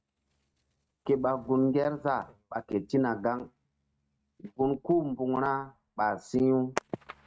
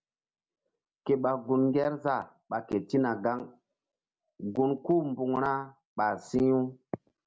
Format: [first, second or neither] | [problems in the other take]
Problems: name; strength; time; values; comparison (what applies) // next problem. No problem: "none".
second | noise reduction (neural mask model RNNoise)